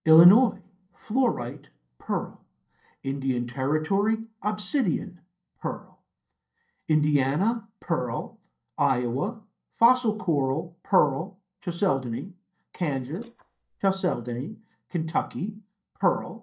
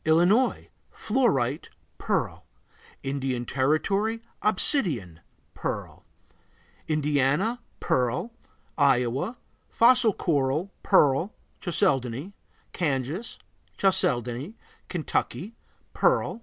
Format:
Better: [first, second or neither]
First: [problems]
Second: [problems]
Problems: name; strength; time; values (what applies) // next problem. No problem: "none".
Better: second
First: noise reduction (neural mask model DeepFilterNet 3)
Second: none